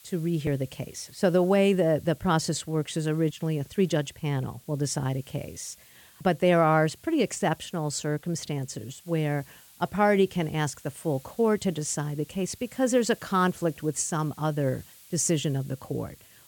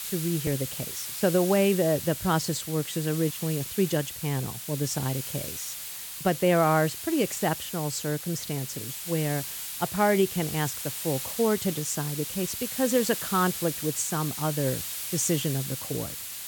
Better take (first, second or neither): first